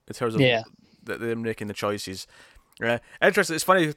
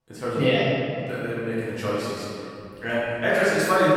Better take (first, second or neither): first